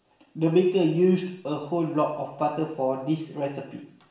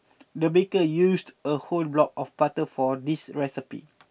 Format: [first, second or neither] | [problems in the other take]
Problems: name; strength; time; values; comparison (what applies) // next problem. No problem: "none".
second | room echo; dies away in 0.7 s